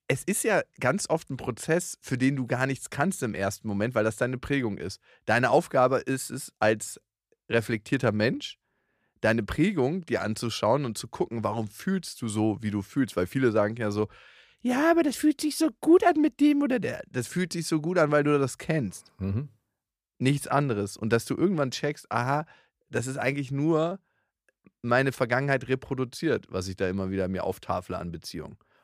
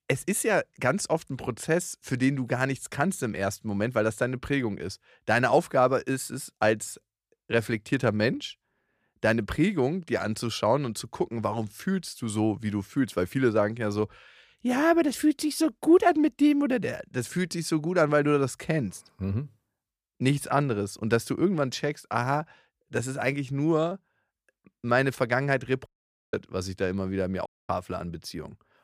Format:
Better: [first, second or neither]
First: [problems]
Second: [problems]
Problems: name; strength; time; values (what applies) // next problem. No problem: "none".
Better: first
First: none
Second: audio cutting out; at 26 s and at 27 s